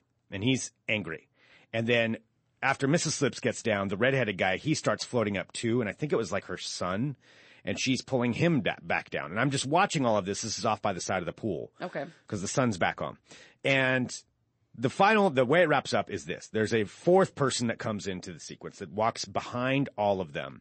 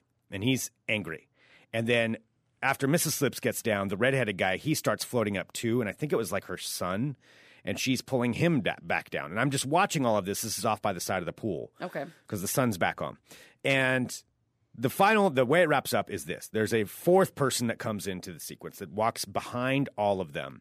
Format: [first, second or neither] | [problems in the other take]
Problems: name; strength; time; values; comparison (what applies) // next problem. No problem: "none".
second | garbled, watery; slightly; nothing above 8 kHz